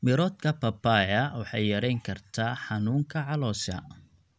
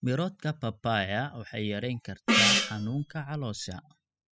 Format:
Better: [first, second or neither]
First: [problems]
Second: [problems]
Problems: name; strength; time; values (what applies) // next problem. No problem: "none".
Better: first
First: none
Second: noise reduction (classical method spectral subtraction)